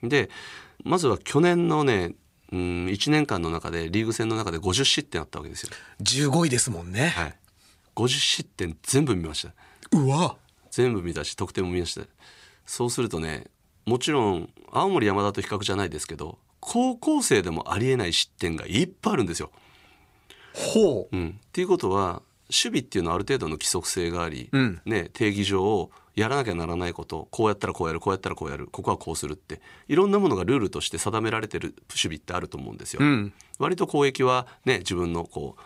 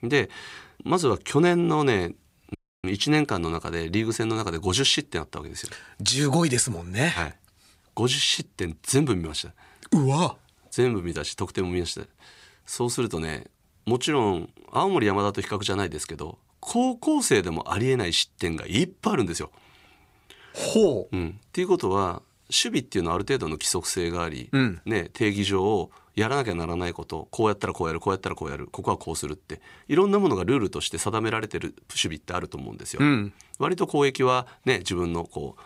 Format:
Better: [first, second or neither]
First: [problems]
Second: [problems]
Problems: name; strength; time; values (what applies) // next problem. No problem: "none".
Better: first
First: none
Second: audio cutting out; at 2.5 s